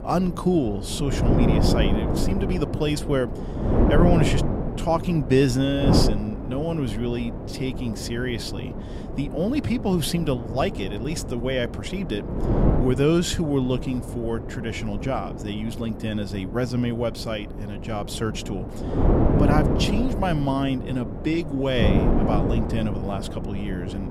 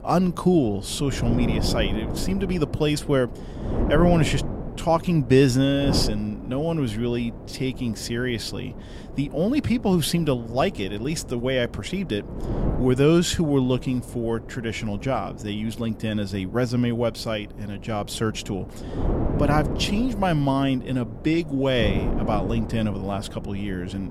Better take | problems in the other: second | wind noise on the microphone; heavy; 4 dB below the speech; occasional gusts in the second

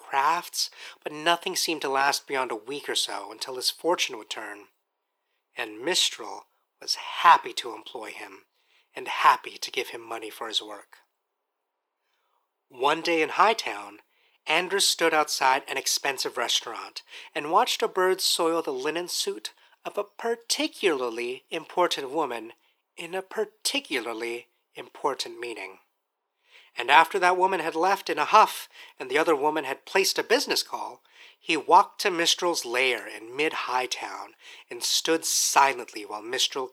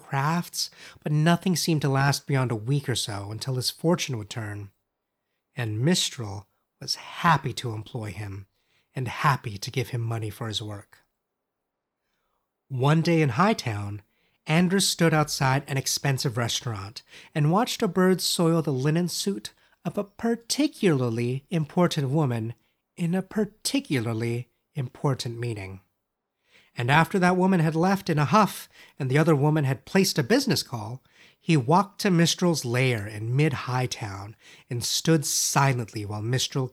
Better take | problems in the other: second | thin; very; fading below 400 Hz

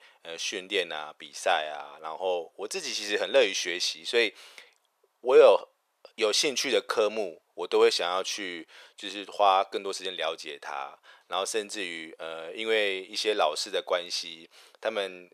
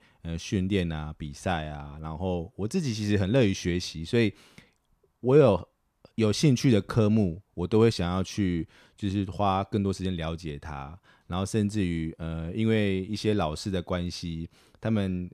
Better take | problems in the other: second | thin; very; fading below 500 Hz

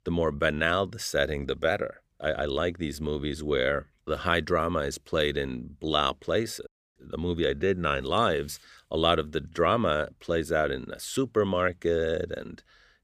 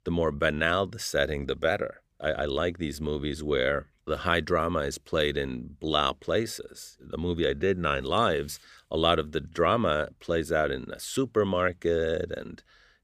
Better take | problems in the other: second | audio cutting out; at 6.5 s

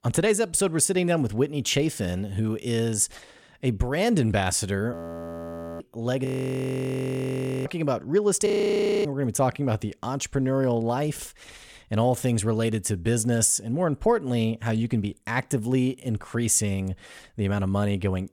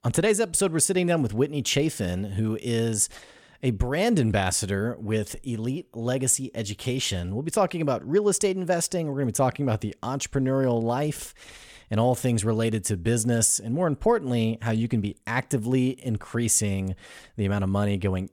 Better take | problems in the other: second | audio freezing; at 5 s for 1 s, at 6.5 s for 1.5 s and at 8.5 s for 0.5 s

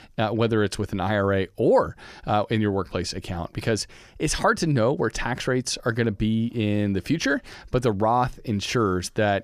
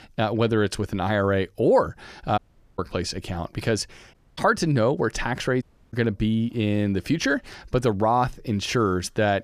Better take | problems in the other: first | audio cutting out; at 2.5 s, at 4 s and at 5.5 s

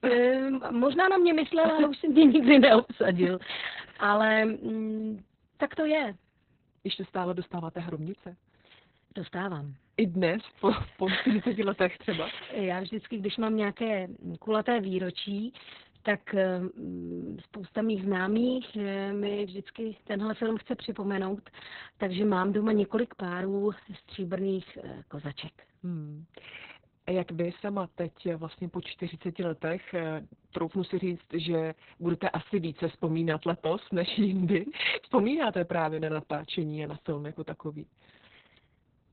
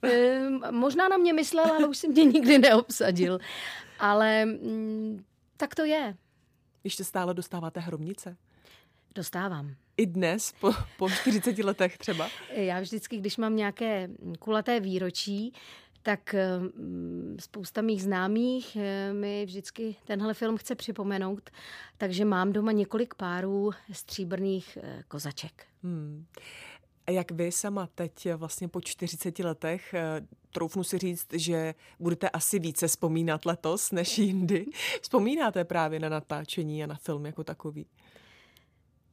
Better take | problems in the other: second | garbled, watery; badly; nothing above 4 kHz

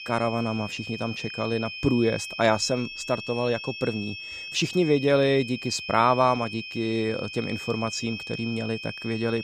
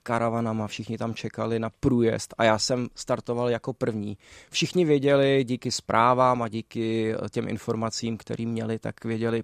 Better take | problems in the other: second | high-pitched whine; loud; throughout; 2.5 kHz, 9 dB below the speech

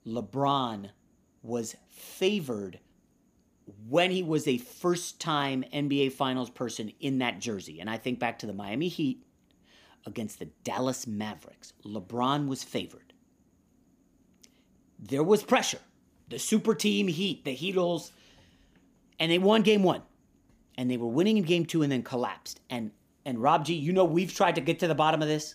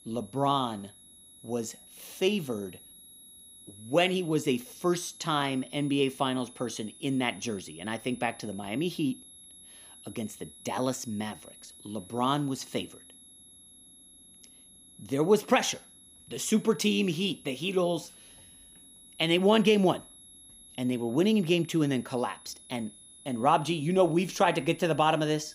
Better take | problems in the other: first | high-pitched whine; faint; throughout; 11 kHz, 20 dB below the speech

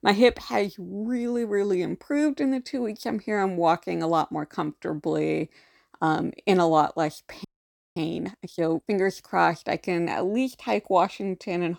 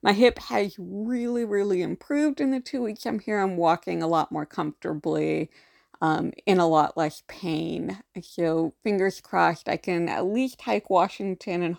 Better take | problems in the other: second | audio freezing; at 7.5 s for 0.5 s

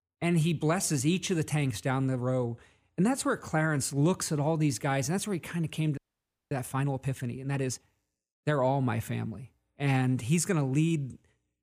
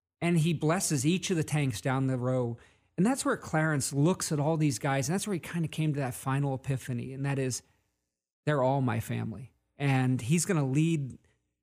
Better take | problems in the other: second | audio freezing; at 6 s for 0.5 s

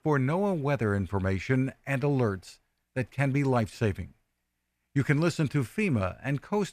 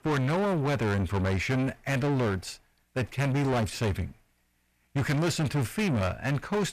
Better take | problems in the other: first | distortion; heavy; 7 dB below the speech

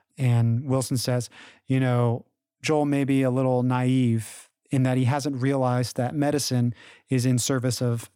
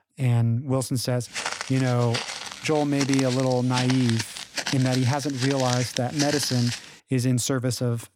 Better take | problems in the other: first | footsteps; noticeable; from 1.5 to 7 s; peak 3 dB below the speech

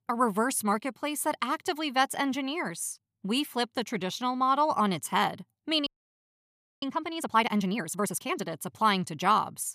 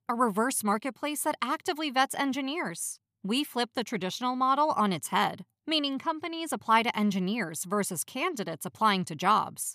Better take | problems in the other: second | audio freezing; at 6 s for 1 s

